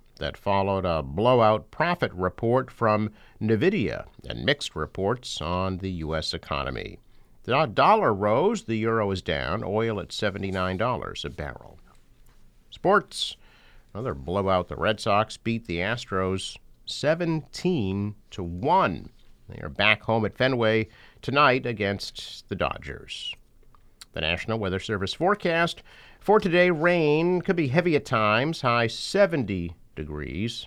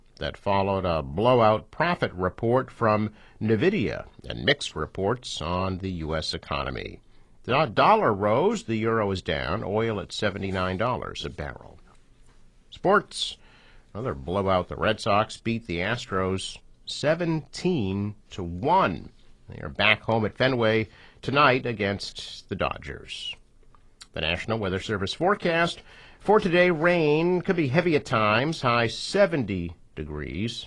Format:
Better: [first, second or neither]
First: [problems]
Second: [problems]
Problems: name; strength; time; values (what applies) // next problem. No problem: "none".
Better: first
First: none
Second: garbled, watery; slightly